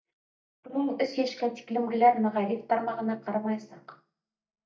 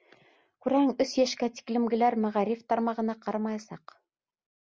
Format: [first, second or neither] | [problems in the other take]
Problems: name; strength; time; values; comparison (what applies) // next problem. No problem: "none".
second | noise reduction (neural mask model DeepFilterNet 3)